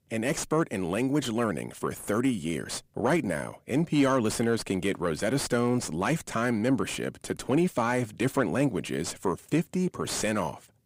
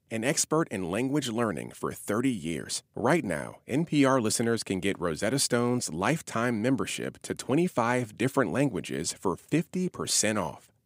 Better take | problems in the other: second | distortion; slight; 10 dB below the speech

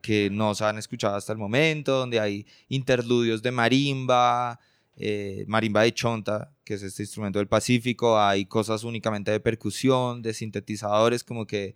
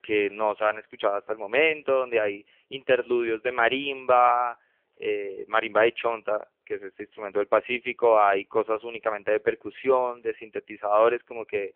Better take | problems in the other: first | phone-call audio; poor line; nothing above 3 kHz

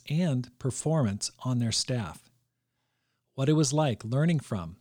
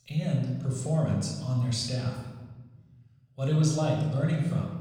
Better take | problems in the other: first | off-mic speech; somewhat distant // room echo; noticeable; dies away in 1.2 s

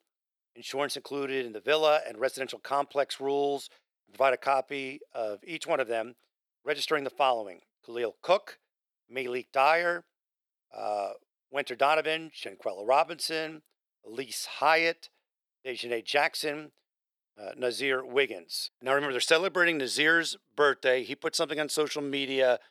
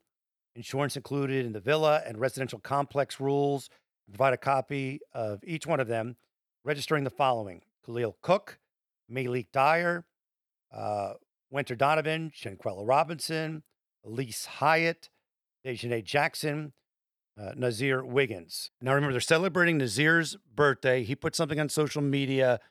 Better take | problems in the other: second | thin; somewhat; fading below 400 Hz

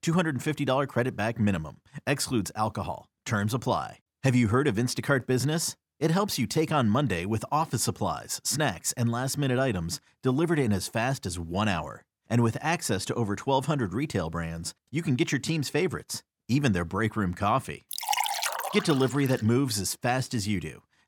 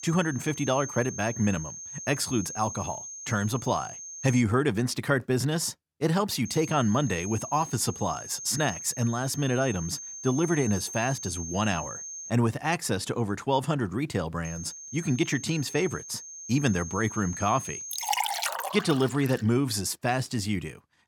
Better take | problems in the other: first | high-pitched whine; loud; until 4.5 s, from 6.5 to 12 s and from 14 to 18 s; 6.5 kHz, 10 dB below the speech

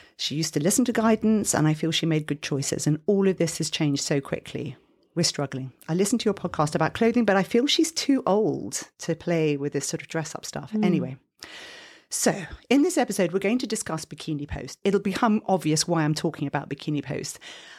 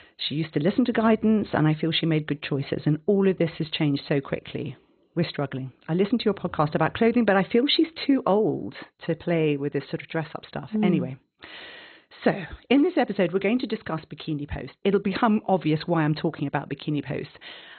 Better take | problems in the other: first | garbled, watery; badly; nothing above 4 kHz

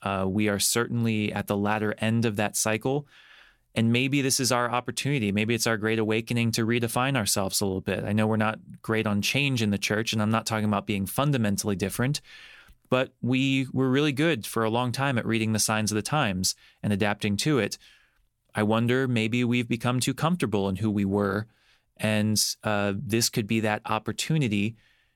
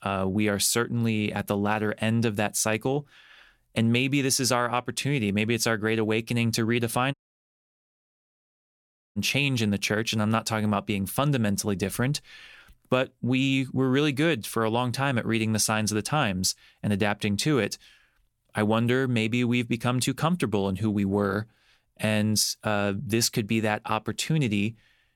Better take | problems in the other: first | audio cutting out; at 7 s for 2 s

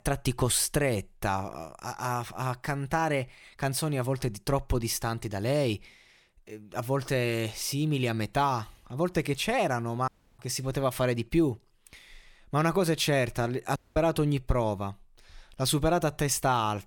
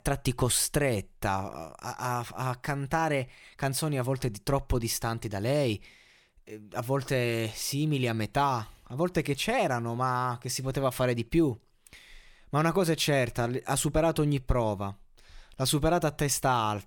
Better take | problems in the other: second | audio cutting out; at 10 s and at 14 s

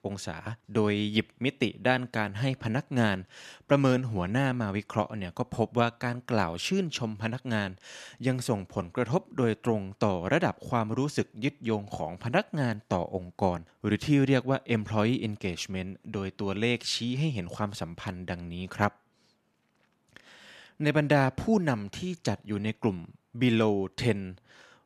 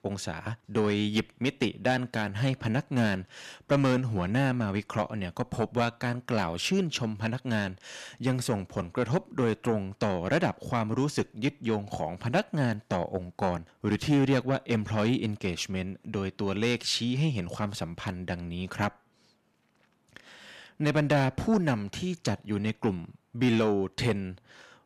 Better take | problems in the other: first | distortion; slight; 10 dB below the speech

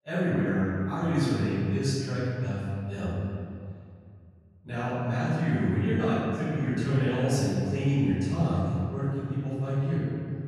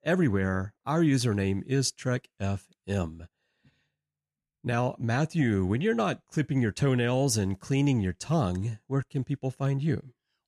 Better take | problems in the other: second | off-mic speech; far // room echo; strong; dies away in 2.2 s

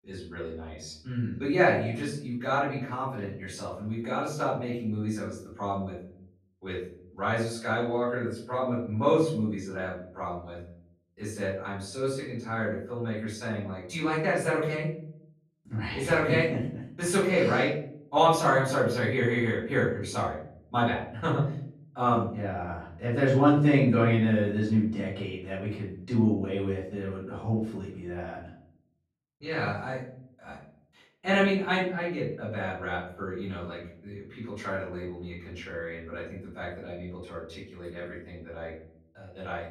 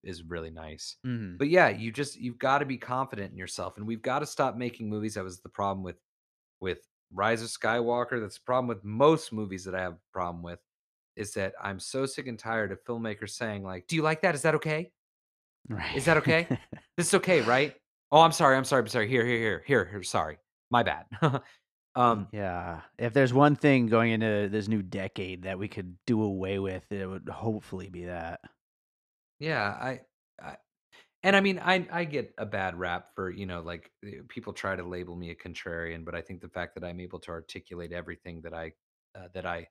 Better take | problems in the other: second | off-mic speech; far // room echo; noticeable; dies away in 0.6 s

